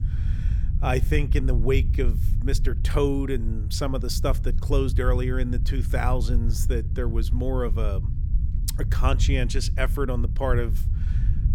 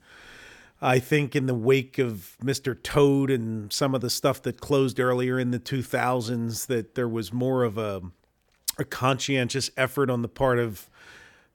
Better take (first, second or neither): second